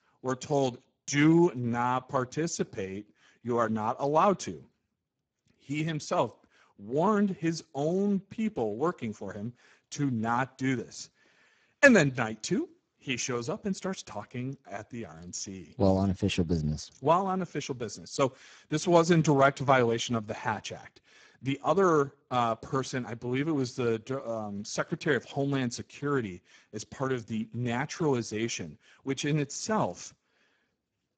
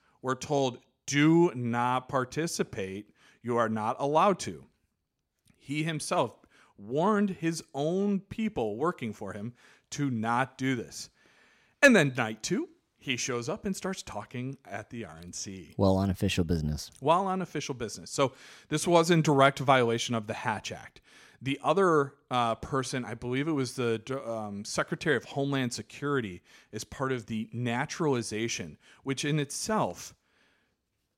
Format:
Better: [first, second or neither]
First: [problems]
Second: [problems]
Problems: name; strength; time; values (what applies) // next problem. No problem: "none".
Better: second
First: garbled, watery; badly; nothing above 7.5 kHz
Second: none